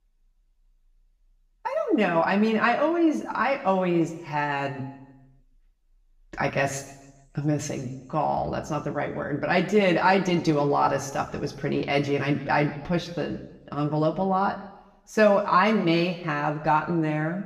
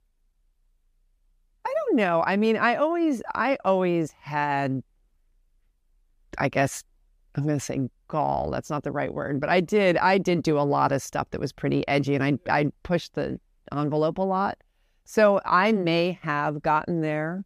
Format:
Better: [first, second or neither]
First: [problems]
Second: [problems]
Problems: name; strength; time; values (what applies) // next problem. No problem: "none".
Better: second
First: room echo; slight; dies away in 0.8 s // off-mic speech; somewhat distant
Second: none